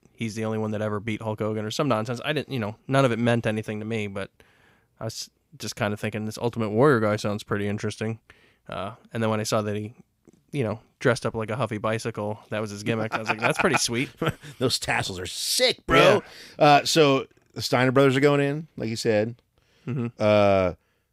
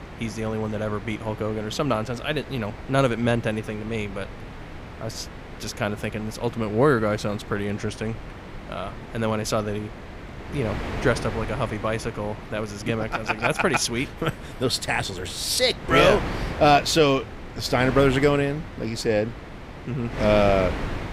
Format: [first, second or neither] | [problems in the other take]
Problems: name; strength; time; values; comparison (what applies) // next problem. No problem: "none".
first | wind noise on the microphone; occasional gusts; 15 dB below the speech